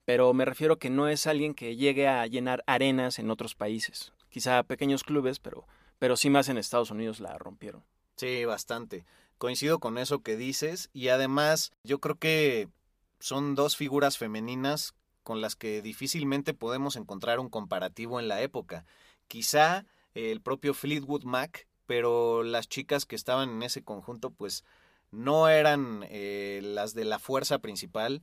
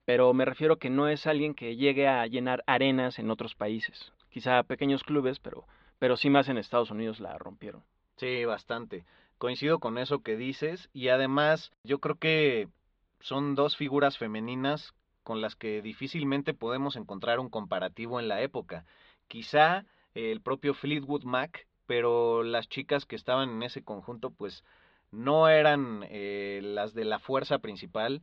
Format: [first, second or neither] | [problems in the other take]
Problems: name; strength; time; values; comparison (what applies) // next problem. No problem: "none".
first | muffled; slightly; fading above 4 kHz